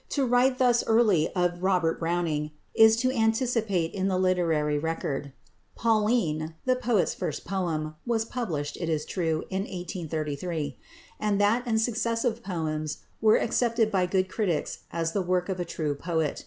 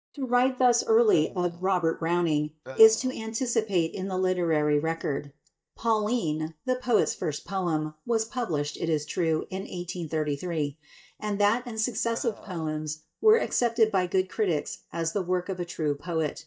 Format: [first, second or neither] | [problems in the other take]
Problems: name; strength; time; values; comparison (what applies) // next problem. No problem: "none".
first | noise reduction (neural mask model DeepFilterNet 3)